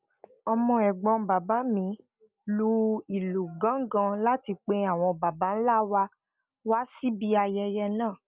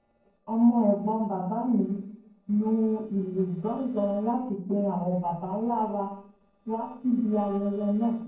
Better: first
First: none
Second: noise reduction (neural separator model SepFormer DNS4)

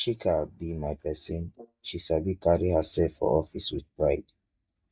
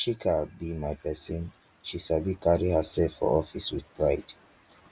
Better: second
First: noise reduction (neural mask model DeepFilterNet 3)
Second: none

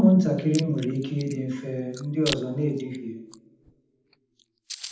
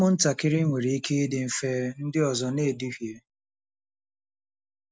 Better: second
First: background sound (Chewing, mastication); 15 dB below the speech // room echo; dies away in 0.8 s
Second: none

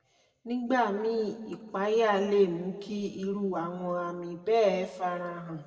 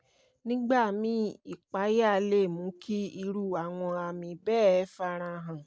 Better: second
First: room echo; dies away in 1.6 s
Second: none

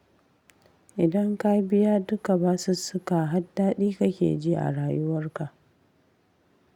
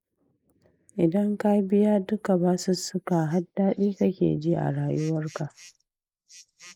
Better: first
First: none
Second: noise reduction (neural mask model Resemble Enhance denoiser)

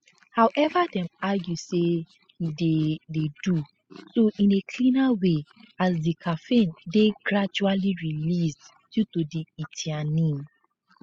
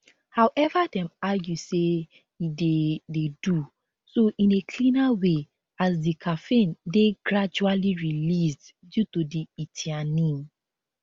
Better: second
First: noise reduction (classical method spectral subtraction)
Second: none

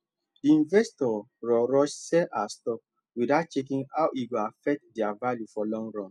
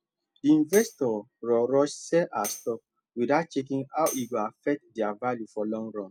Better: first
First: none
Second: background sound (Tambourine); 16 dB below the speech

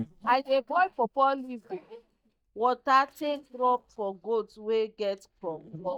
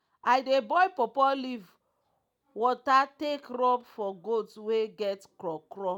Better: second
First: noise reduction (neural mask model DeepFilterNet 3)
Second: none

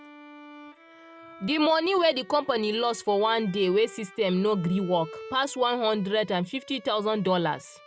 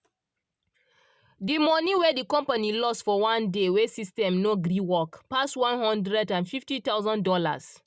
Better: second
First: background sound (Bowed string instrument); 20 dB below the speech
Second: none

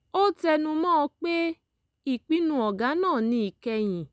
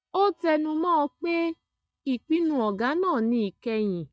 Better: first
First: none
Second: noise reduction (neural mask model DeepFilterNet 3)

